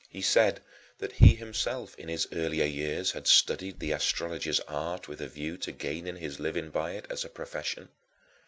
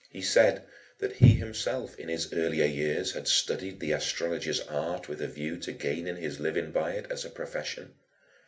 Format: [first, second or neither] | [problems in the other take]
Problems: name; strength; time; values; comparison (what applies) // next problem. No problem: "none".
first | room echo; dies away in 0.3 s